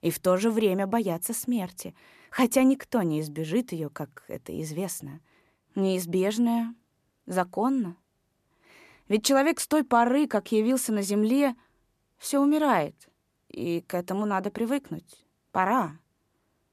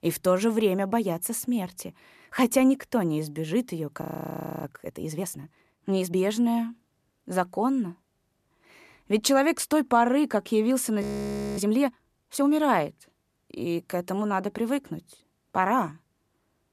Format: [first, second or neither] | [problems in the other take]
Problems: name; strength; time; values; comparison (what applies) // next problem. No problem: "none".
first | audio freezing; at 4 s for 0.5 s and at 11 s for 0.5 s